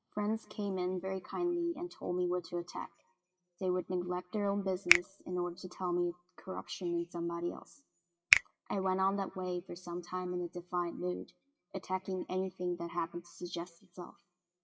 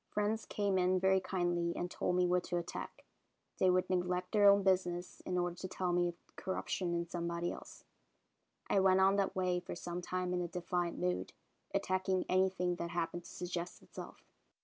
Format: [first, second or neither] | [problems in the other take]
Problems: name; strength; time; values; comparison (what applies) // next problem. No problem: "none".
second | noise reduction (classical method WPE with log-MMSE)